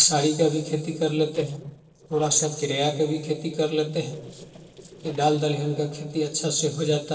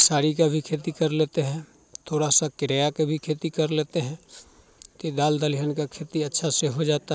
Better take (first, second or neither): second